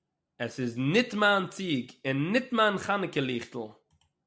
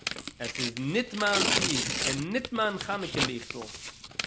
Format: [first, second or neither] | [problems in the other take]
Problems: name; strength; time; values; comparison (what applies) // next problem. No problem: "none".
first | background sound (Tearing); as loud as the speech